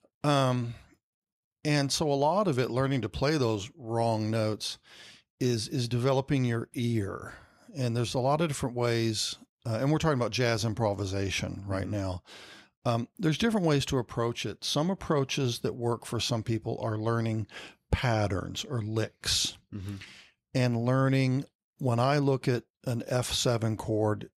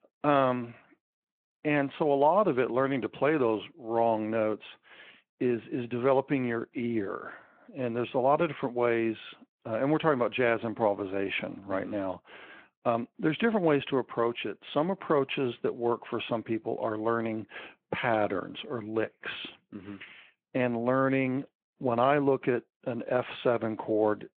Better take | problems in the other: first | phone-call audio

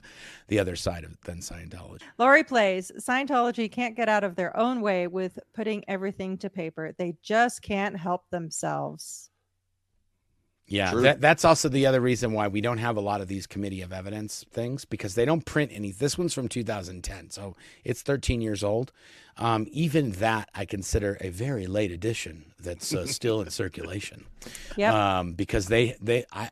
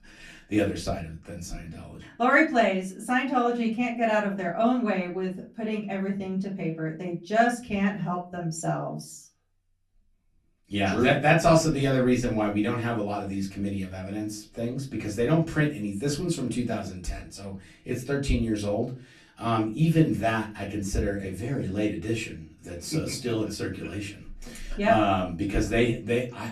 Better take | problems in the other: first | off-mic speech; far // room echo; very slight; dies away in 0.3 s

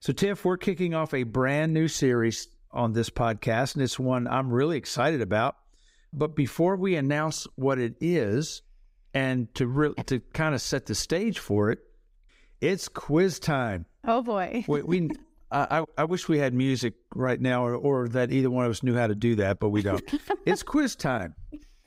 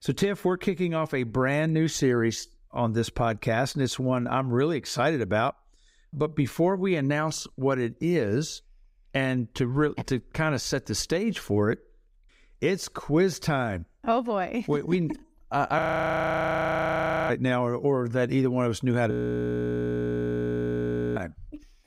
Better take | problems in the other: first | audio freezing; at 16 s for 1.5 s and at 19 s for 2 s

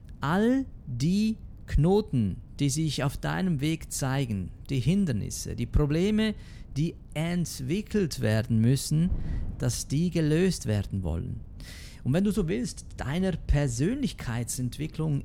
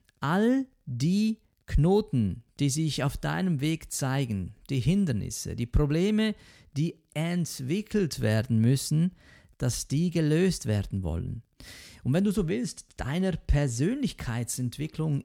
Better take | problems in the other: second | wind noise on the microphone; occasional gusts; 25 dB below the speech

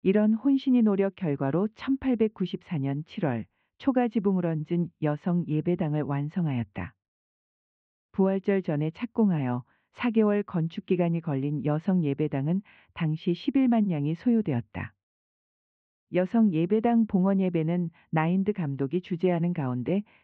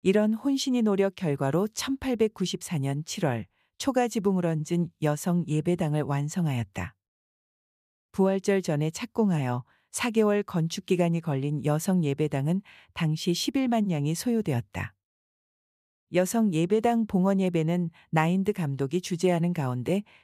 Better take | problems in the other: second | muffled; very; fading above 3 kHz

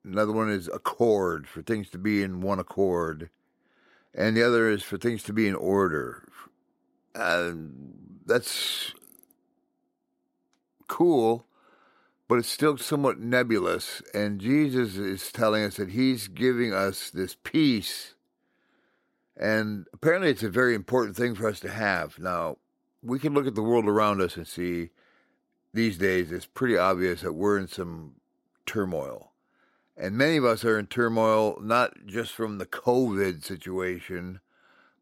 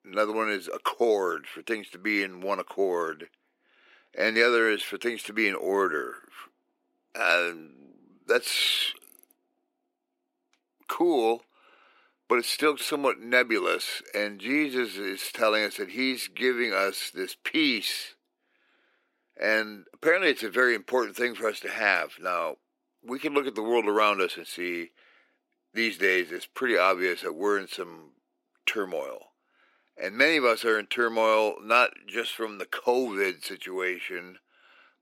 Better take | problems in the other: first | thin; somewhat; fading below 300 Hz

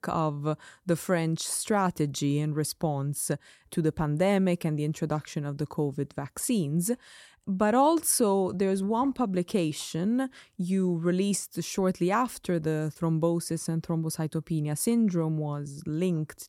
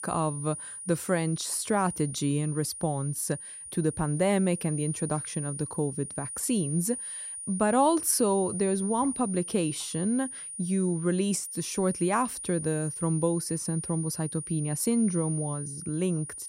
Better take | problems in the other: first | high-pitched whine; loud; throughout; 9.5 kHz, 7 dB below the speech

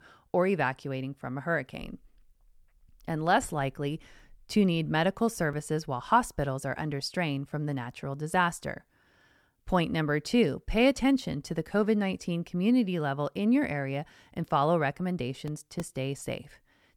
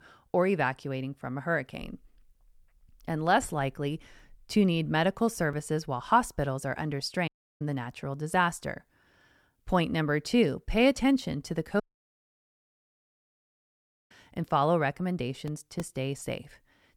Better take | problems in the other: first | audio cutting out; at 7.5 s and at 12 s for 2.5 s

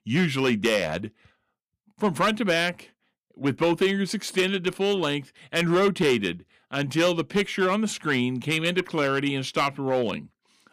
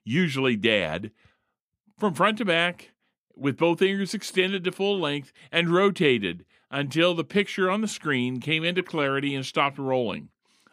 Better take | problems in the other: second | distortion; slight; 4% of the sound clipped

